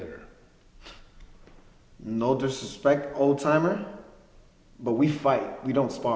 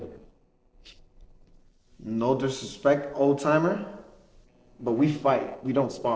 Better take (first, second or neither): first